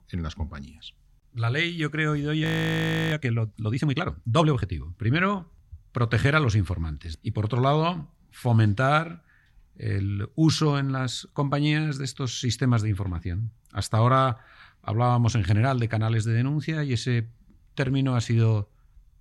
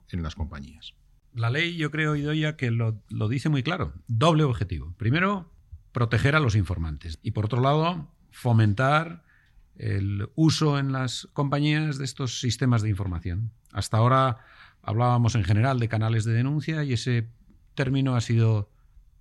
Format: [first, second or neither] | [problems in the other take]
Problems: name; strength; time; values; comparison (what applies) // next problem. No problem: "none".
second | audio freezing; at 2.5 s for 0.5 s